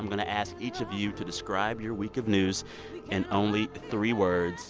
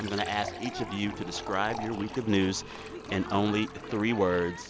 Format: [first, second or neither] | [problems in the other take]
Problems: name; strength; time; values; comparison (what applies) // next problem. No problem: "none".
first | background sound (Fill (with liquid)); 13 dB below the speech